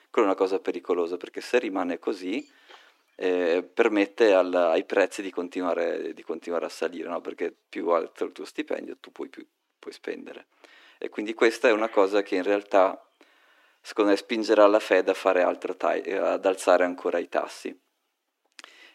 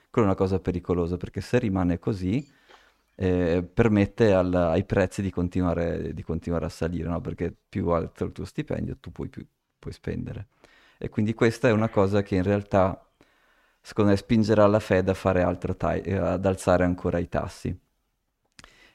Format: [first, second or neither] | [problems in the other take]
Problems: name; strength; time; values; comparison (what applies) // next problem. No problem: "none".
second | thin; somewhat; fading below 300 Hz